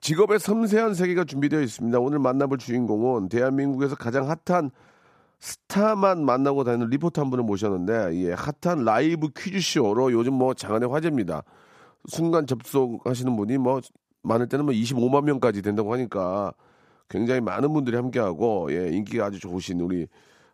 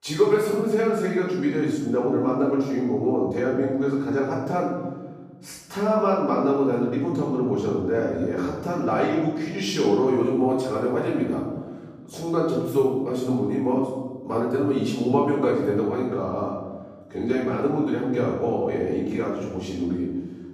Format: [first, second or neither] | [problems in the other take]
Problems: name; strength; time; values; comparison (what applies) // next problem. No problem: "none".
first | off-mic speech; far // room echo; noticeable; dies away in 1.3 s